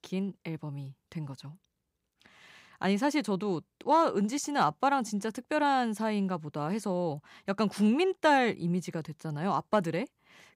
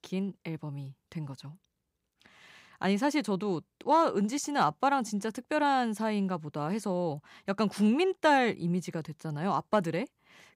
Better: neither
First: none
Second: none

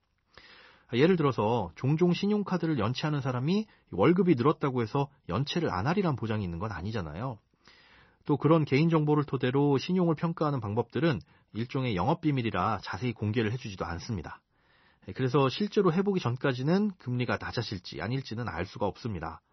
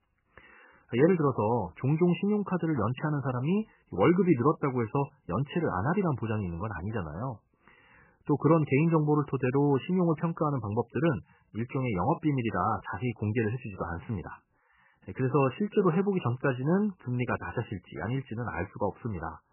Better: first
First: garbled, watery; slightly; nothing above 6 kHz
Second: garbled, watery; badly; nothing above 3 kHz

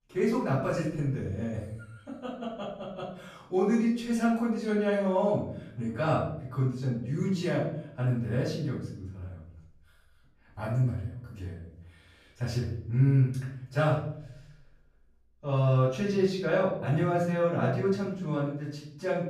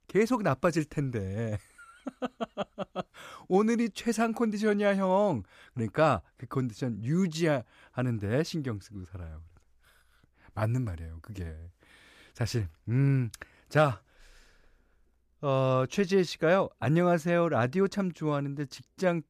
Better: second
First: off-mic speech; far // room echo; noticeable; dies away in 0.7 s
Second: none

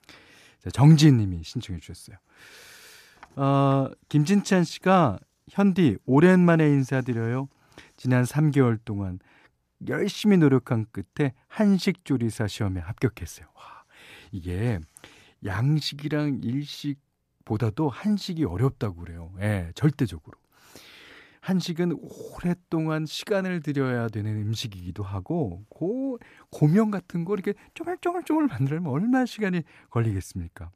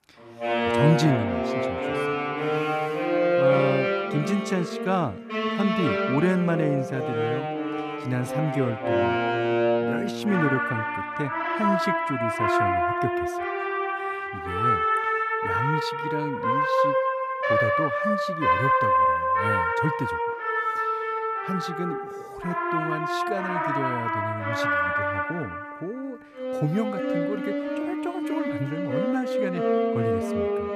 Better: first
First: none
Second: background music; very loud; throughout; 4 dB above the speech

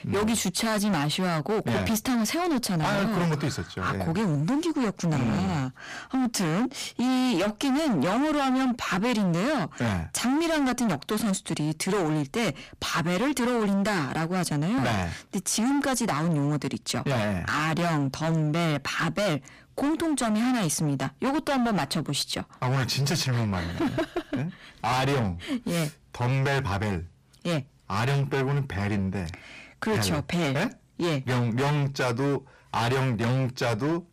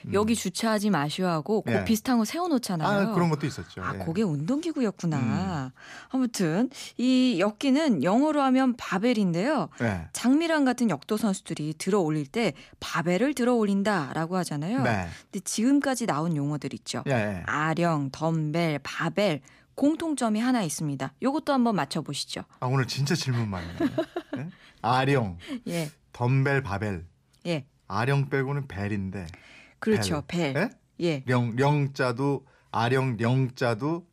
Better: second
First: distortion; heavy; 28% of the sound clipped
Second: none

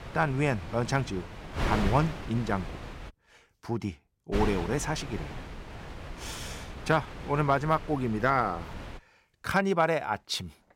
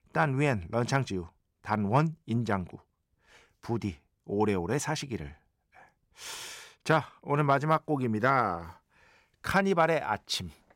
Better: second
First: wind noise on the microphone; occasional gusts; until 3 s and from 4.5 to 9 s; 10 dB below the speech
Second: none

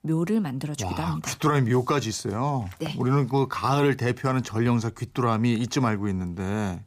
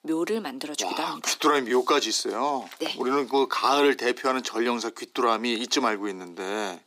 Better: first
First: none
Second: thin; somewhat; fading below 300 Hz

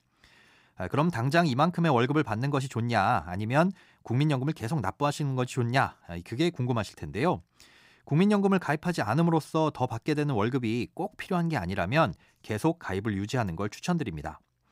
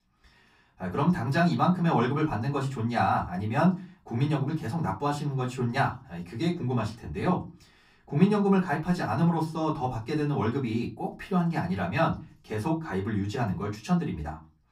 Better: first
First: none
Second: off-mic speech; far // room echo; very slight; dies away in 0.2 s

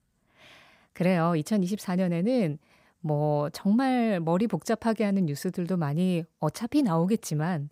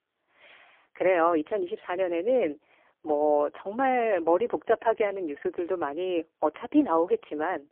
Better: first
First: none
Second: phone-call audio; poor line; nothing above 3 kHz

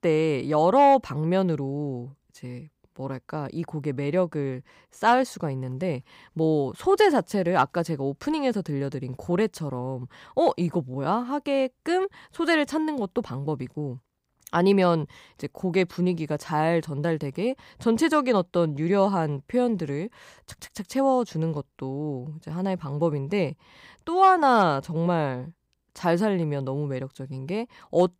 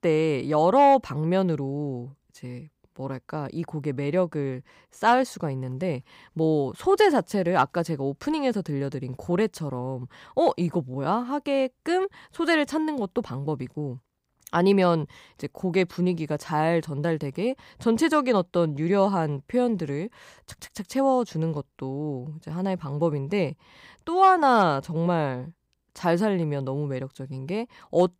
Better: neither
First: none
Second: none

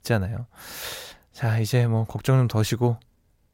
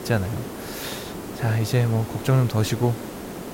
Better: first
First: none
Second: hiss; noticeable; throughout; 10 dB below the speech

